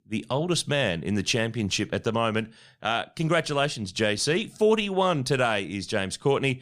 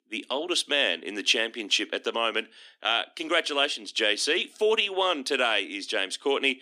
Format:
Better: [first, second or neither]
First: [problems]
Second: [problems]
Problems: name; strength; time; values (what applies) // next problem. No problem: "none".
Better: first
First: none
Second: thin; somewhat; fading below 250 Hz